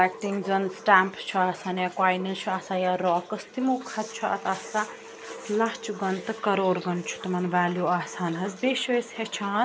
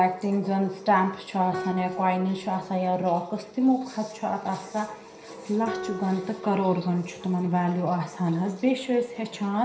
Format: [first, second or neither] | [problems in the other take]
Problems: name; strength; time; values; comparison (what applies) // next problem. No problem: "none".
first | background sound (Guitar); 15 dB below the speech // room echo; dies away in 0.5 s